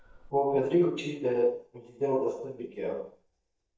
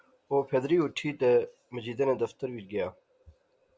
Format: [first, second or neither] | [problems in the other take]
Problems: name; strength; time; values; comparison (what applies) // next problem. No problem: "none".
second | noise reduction (neural mask model DeepFilterNet 3)